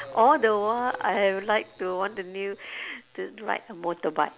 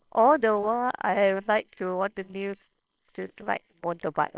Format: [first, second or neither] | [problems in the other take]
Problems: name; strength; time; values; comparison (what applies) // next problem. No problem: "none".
first | noise reduction (neural separator model SepFormer WHAMR!)